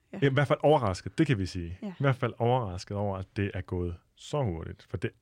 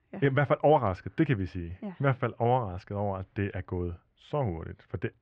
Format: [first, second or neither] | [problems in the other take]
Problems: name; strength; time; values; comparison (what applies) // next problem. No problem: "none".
first | muffled; very; fading above 2 kHz